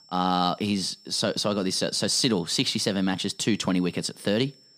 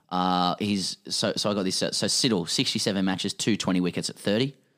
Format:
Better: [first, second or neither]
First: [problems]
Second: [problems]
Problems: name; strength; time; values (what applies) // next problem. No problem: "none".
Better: second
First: high-pitched whine; faint; throughout; 5.5 kHz, 25 dB below the speech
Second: none